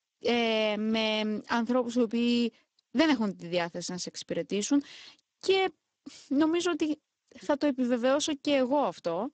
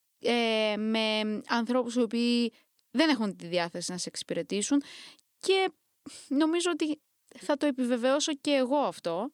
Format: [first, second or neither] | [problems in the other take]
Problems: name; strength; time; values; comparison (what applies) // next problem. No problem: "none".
second | garbled, watery; badly; nothing above 8 kHz